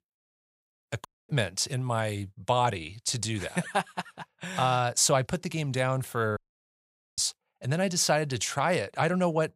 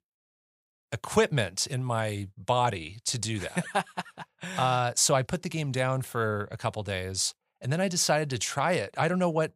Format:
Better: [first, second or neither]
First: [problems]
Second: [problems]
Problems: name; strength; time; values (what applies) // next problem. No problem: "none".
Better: second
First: audio cutting out; at 1 s and at 6.5 s for 1 s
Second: none